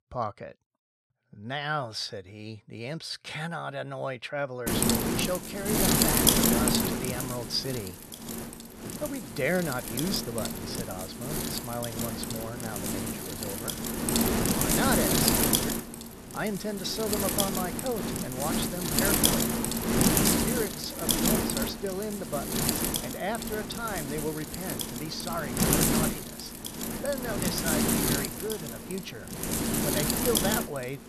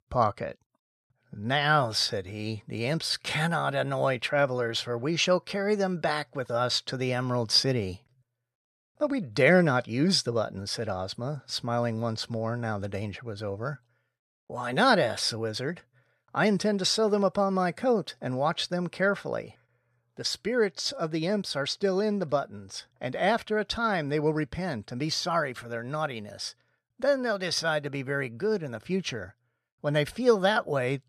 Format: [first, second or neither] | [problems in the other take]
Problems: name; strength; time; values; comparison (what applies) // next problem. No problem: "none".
second | wind noise on the microphone; heavy; from 4.5 s on; 4 dB above the speech